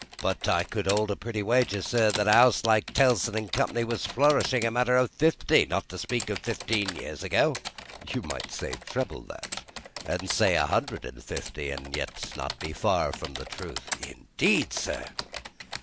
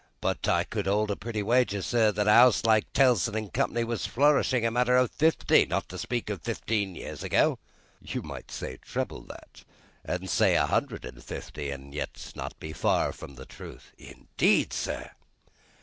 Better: second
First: background sound (Typing); 12 dB below the speech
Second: none

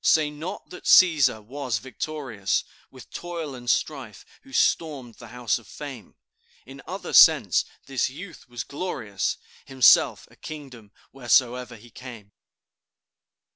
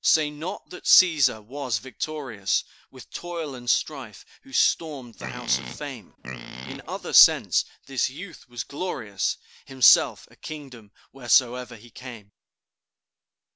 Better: first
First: none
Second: background sound (Livestock, farm animals, working animals); 10 dB below the speech

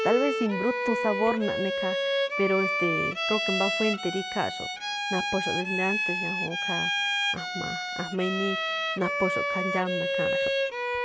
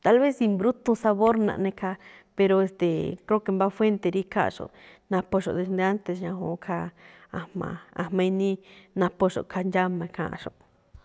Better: second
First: background sound (Bowed string instrument); 1 dB above the speech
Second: none

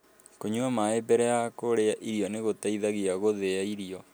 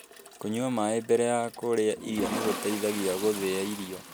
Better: first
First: none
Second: background sound (Toilet flush); 10 dB below the speech

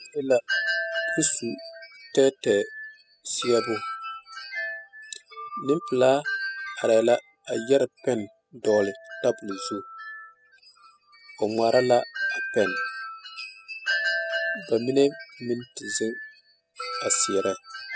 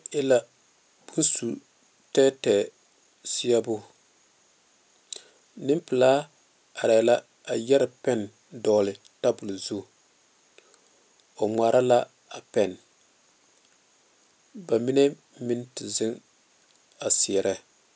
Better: second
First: noise reduction (classical method spectral subtraction)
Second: none

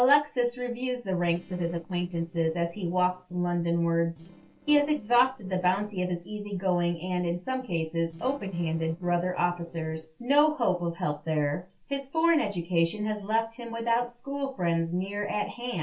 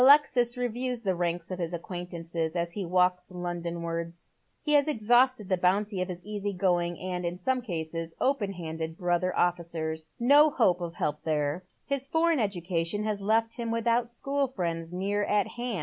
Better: second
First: noise reduction (neural separator model SepFormer DNS4)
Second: none

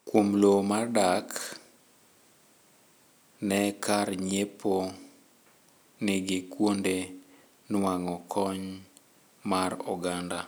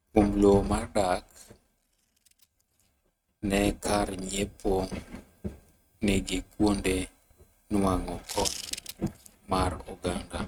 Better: first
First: none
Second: noise reduction (neural mask model RNNoise)

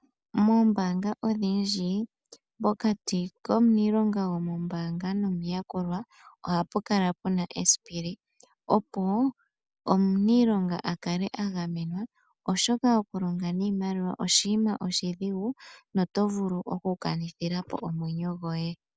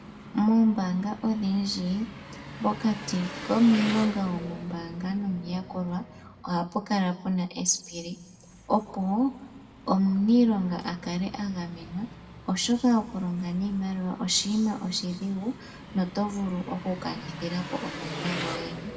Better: first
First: none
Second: background sound (Engine); 14 dB below the speech // room echo; dies away in 1.4 s

